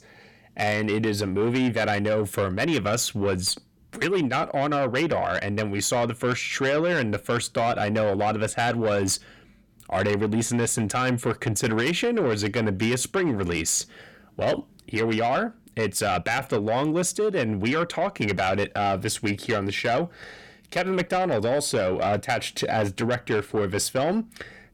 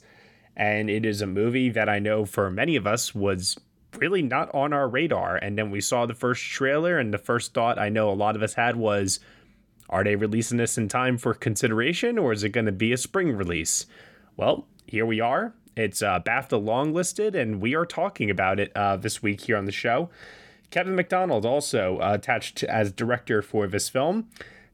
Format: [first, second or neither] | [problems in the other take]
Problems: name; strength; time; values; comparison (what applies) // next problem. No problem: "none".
second | distortion; slight; 10 dB below the speech